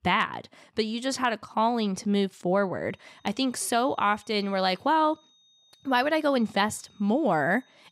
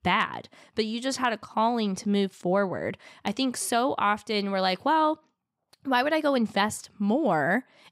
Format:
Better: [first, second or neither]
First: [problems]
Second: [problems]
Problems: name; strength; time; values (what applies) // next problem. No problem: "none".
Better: second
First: high-pitched whine; faint; from 3 s on; 3.5 kHz, 35 dB below the speech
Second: none